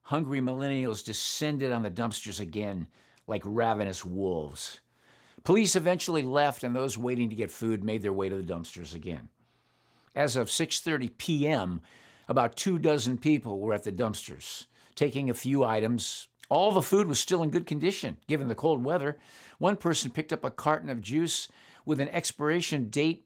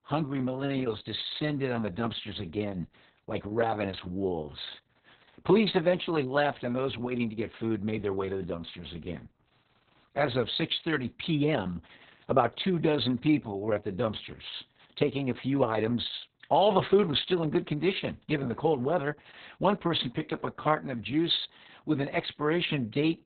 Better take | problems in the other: first | garbled, watery; badly; nothing above 4 kHz; slightly in the first

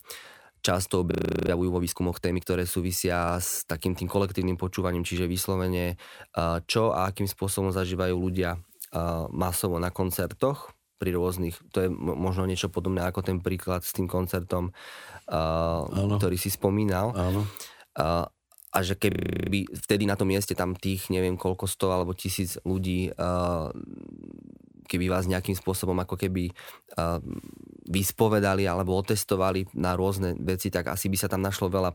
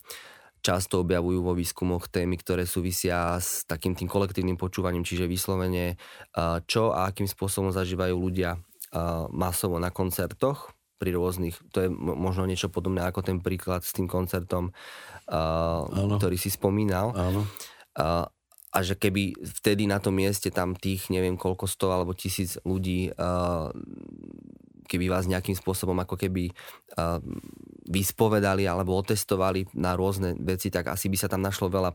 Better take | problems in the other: second | audio freezing; at 1 s and at 19 s

